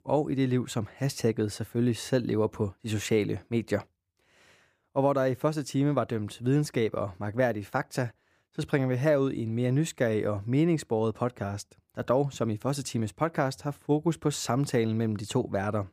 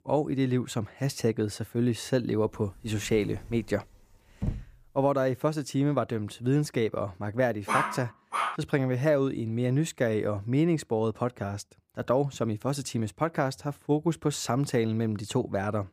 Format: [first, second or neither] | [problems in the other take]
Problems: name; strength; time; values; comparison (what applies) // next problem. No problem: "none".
first | door banging; noticeable; from 3 to 4.5 s; peak 6 dB below the speech // dog barking; loud; at 7.5 s; peak level with the speech